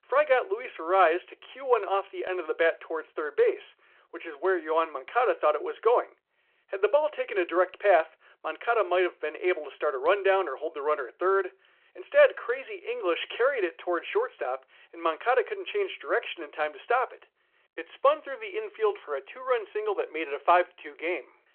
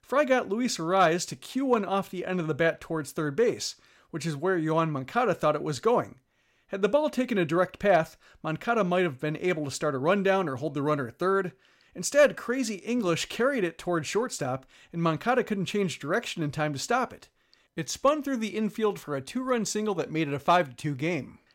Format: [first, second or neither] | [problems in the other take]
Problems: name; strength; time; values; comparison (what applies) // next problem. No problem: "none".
second | phone-call audio